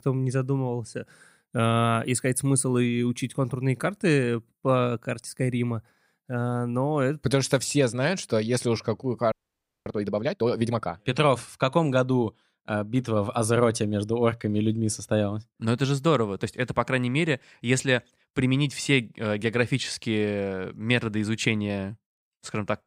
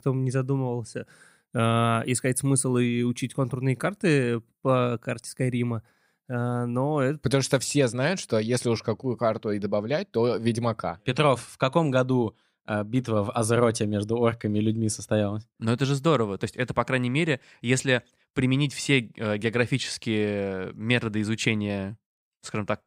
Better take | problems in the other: second | audio freezing; at 9.5 s for 0.5 s

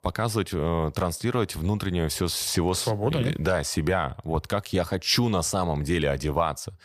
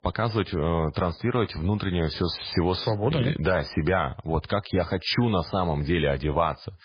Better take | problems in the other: first | garbled, watery; badly; nothing above 5 kHz

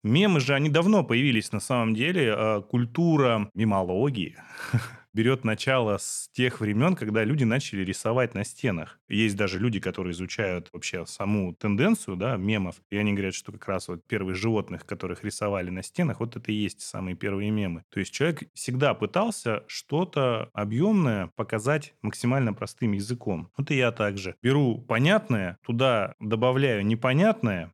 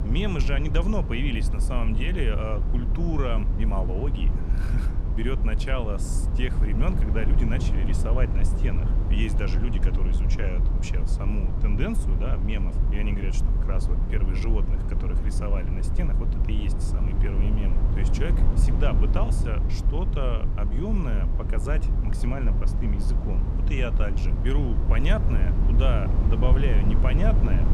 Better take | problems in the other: first | low rumble; loud; throughout; 5 dB below the speech

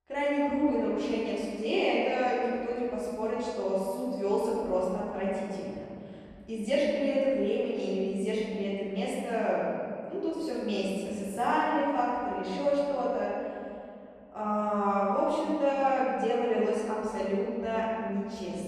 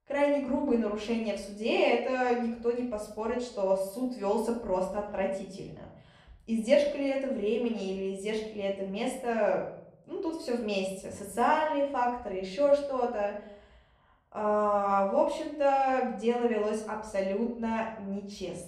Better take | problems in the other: second | room echo; strong; dies away in 2.3 s; slight in the second // off-mic speech; far; far in the second

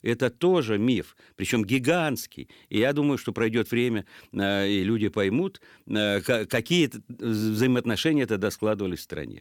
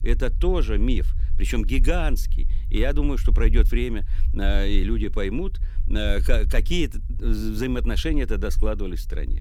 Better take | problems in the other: first | low rumble; noticeable; throughout; 20 dB below the speech

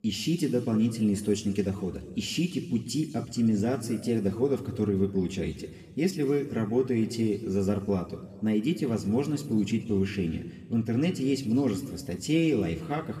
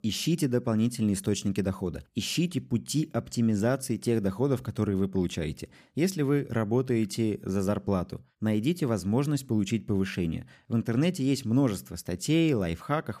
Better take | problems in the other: second | room echo; slight; dies away in 1.5 s // off-mic speech; somewhat distant

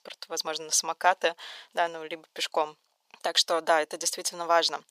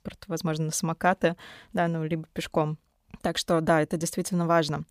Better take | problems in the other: second | thin; very; fading below 500 Hz

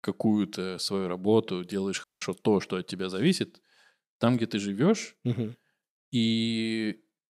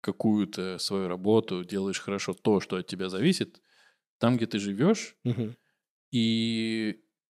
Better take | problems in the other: second | audio cutting out; at 2 s

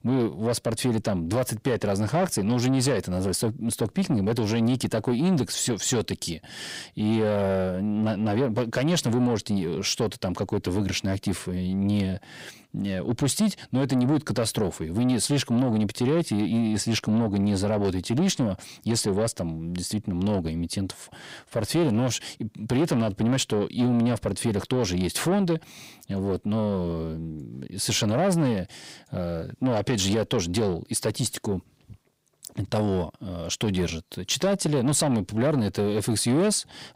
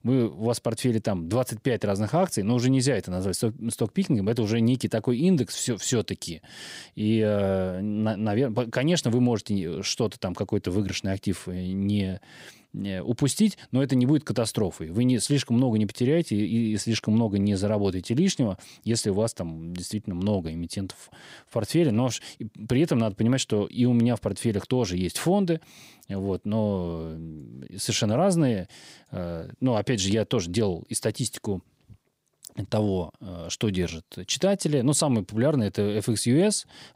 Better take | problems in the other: second | distortion; slight; 10 dB below the speech

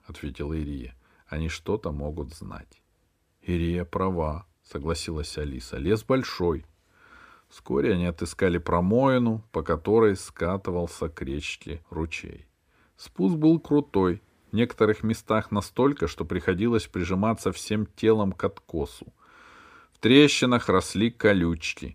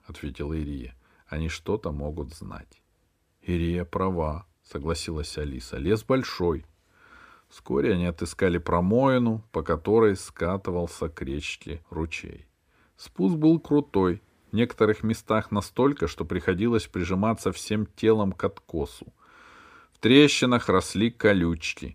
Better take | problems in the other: neither | none

